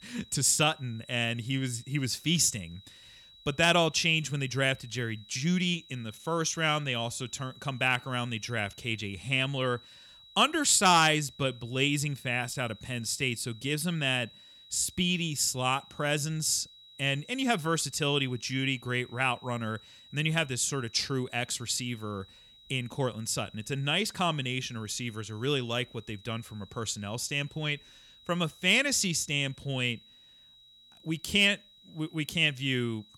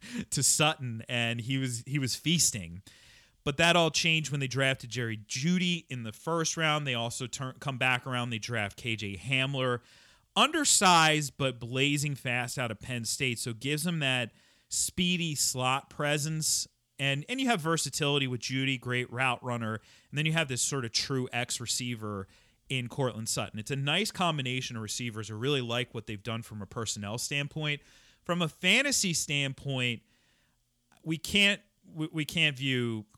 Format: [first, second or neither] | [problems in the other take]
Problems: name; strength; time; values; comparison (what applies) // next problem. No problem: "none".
second | high-pitched whine; faint; throughout; 4 kHz, 25 dB below the speech